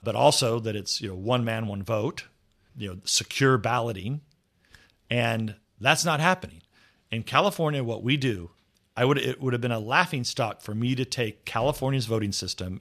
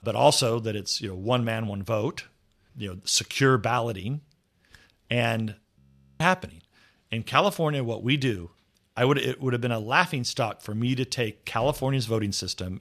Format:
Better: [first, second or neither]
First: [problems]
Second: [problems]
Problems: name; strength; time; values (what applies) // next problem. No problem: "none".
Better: first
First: none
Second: audio freezing; at 6 s